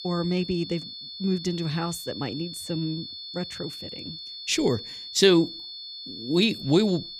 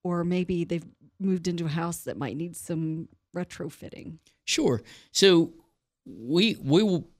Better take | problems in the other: second | high-pitched whine; noticeable; throughout; 4.5 kHz, 10 dB below the speech

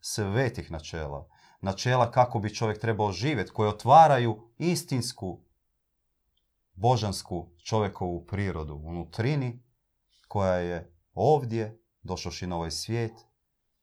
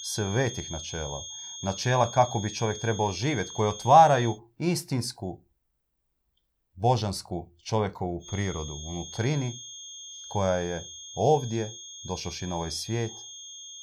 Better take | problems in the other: first | high-pitched whine; noticeable; until 4.5 s and from 8.5 s on; 6.5 kHz, 10 dB below the speech

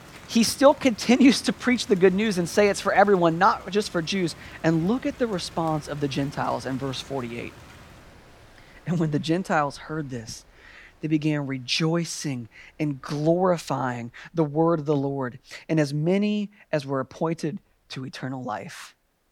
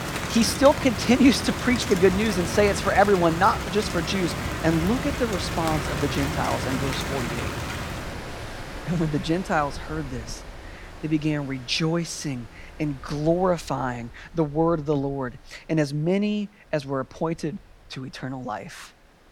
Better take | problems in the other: first | rain or running water; loud; throughout; 6 dB below the speech; faint in the first

